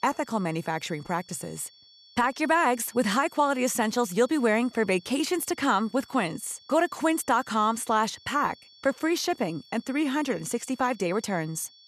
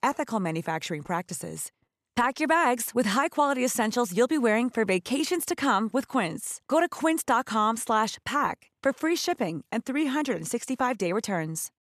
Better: second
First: high-pitched whine; faint; throughout; 4.5 kHz, 25 dB below the speech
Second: none

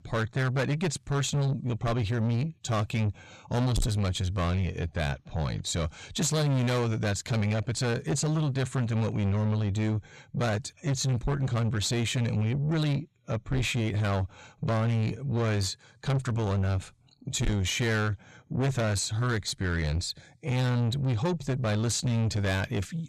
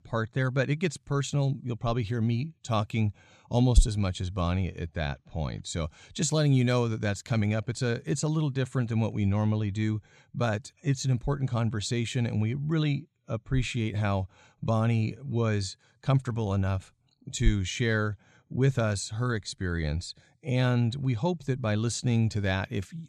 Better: second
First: distortion; heavy; 6 dB below the speech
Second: none

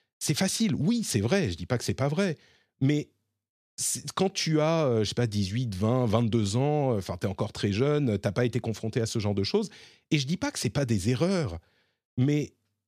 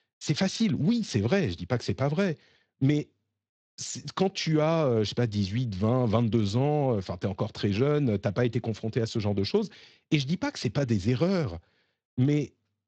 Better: first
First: none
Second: garbled, watery; slightly; nothing above 7.5 kHz

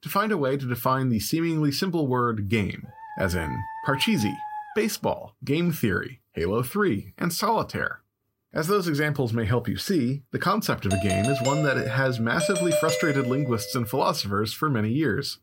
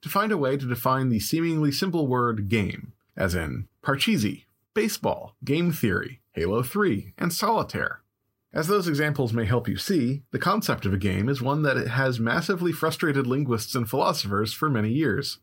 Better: second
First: dog barking; noticeable; from 3 to 5 s; peak 10 dB below the speech // doorbell; loud; from 11 to 14 s; peak level with the speech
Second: none

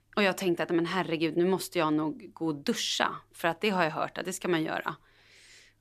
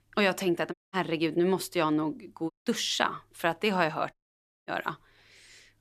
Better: first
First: none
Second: audio cutting out; at 0.5 s, at 2.5 s and at 4 s for 0.5 s

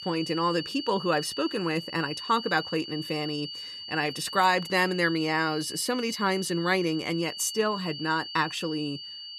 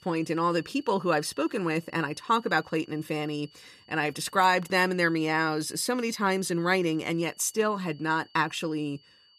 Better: second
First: high-pitched whine; loud; throughout; 4.5 kHz, 9 dB below the speech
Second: high-pitched whine; faint; throughout; 4.5 kHz, 30 dB below the speech

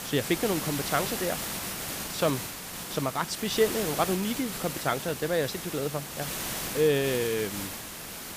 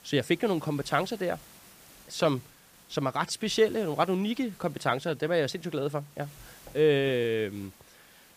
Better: second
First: hiss; loud; throughout; 4 dB below the speech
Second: hiss; faint; throughout; 25 dB below the speech

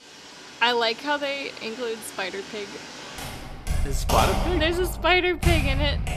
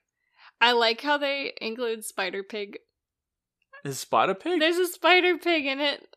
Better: second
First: household noises; loud; throughout; 5 dB below the speech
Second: none

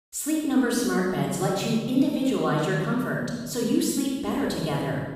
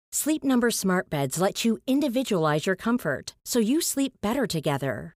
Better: second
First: off-mic speech; far // room echo; strong; dies away in 1.7 s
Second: none

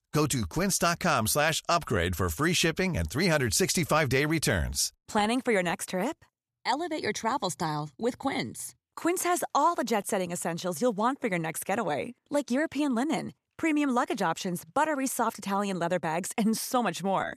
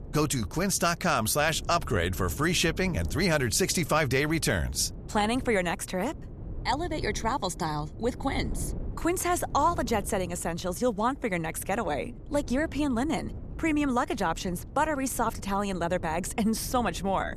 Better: first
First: none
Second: wind noise on the microphone; occasional gusts; 20 dB below the speech

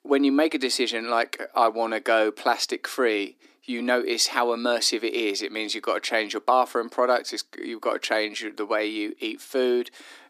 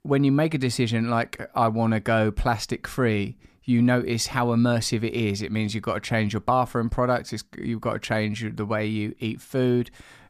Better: second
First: thin; somewhat; fading below 300 Hz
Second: none

